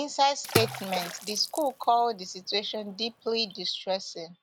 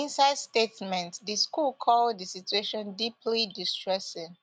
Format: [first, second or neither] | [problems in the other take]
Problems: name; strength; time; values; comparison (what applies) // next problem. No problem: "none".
second | background sound (Water / Splash, splatter); 8 dB below the speech